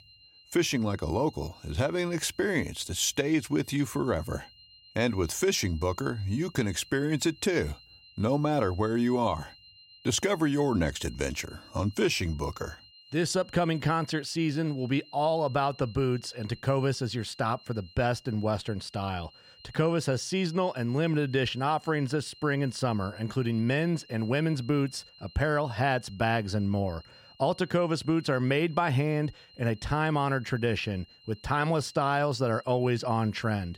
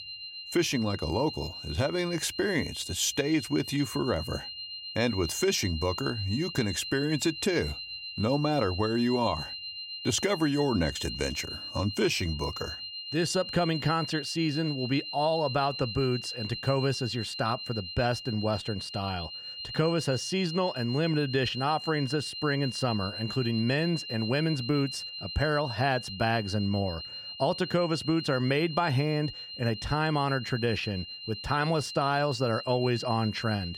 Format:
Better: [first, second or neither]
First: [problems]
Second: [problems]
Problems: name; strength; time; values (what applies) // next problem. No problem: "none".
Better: first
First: high-pitched whine; faint; throughout; 4 kHz, 25 dB below the speech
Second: high-pitched whine; loud; throughout; 4 kHz, 8 dB below the speech